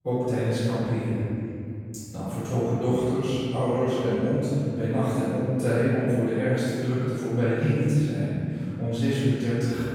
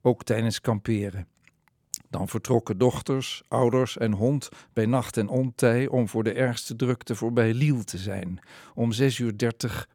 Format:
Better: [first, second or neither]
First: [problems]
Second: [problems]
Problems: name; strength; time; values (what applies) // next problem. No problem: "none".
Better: second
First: off-mic speech; far // room echo; strong; dies away in 2.9 s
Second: none